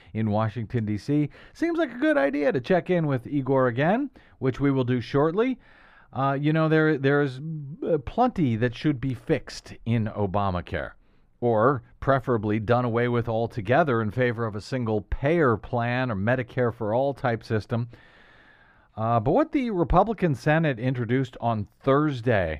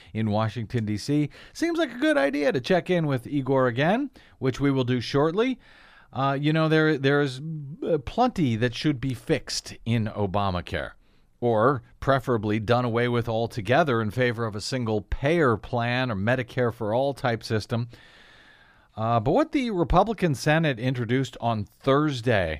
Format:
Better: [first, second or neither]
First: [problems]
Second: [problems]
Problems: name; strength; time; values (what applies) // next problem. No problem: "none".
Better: second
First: muffled; slightly; fading above 3 kHz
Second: none